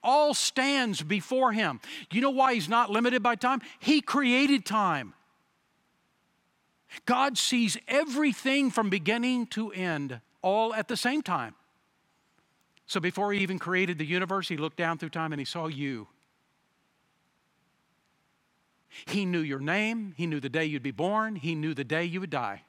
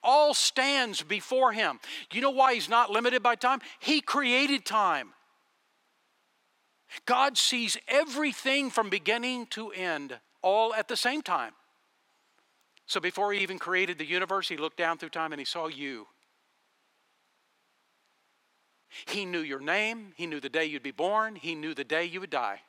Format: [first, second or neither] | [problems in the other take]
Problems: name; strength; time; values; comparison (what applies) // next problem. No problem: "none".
first | thin; somewhat; fading below 450 Hz